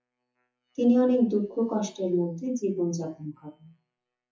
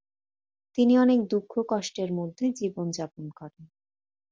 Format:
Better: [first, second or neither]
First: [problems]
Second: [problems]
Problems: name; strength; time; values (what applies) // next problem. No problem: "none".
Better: second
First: noise reduction (classical method WPE with log-MMSE)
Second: none